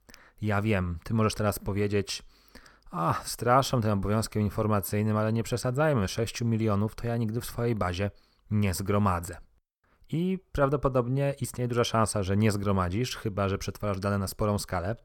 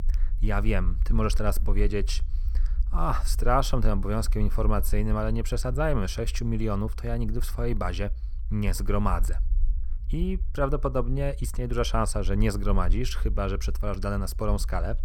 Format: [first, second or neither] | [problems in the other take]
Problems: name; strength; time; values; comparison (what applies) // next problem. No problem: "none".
first | low rumble; faint; throughout; 25 dB below the speech